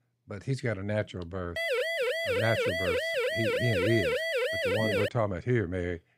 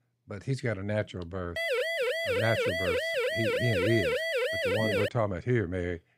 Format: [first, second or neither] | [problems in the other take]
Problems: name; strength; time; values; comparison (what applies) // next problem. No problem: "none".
neither | siren; loud; from 1.5 to 5 s; peak 4 dB above the speech; the same in both